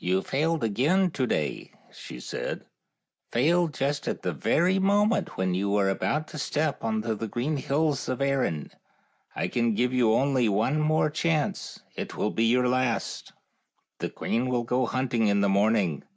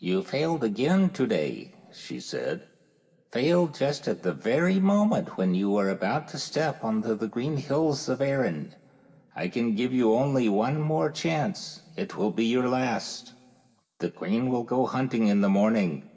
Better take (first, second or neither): first